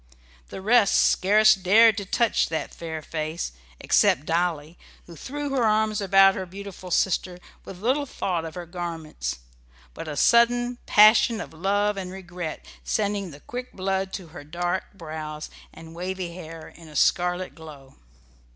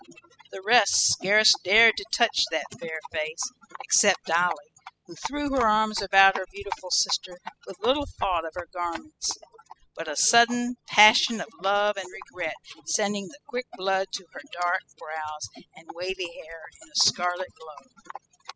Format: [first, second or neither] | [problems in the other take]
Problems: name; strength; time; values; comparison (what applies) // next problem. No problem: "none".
first | noise reduction (classical method spectral subtraction)